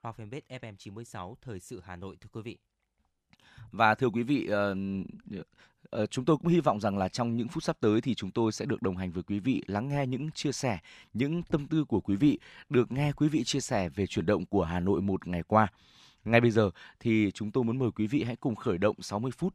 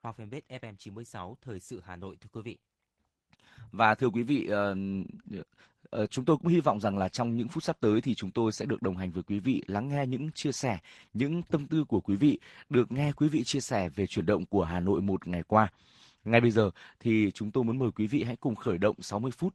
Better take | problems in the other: first | garbled, watery; slightly; nothing above 12 kHz

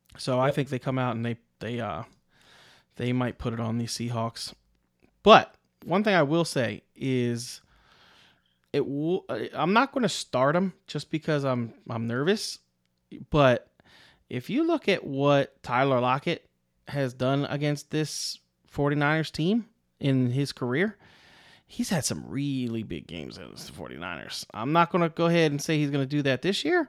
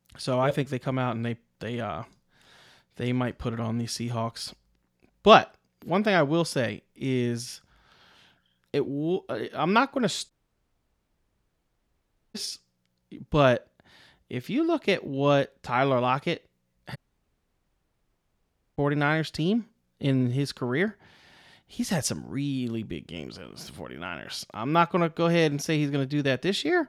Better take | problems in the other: first | audio cutting out; at 10 s for 2 s and at 17 s for 2 s

